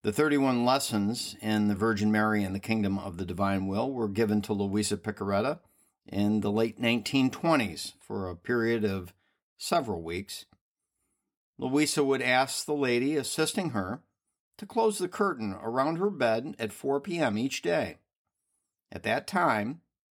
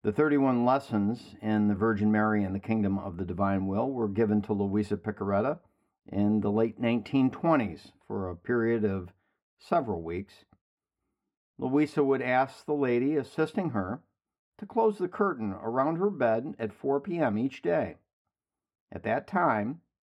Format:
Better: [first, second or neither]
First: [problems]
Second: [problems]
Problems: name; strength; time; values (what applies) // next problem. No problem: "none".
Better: first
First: none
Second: muffled; very; fading above 3 kHz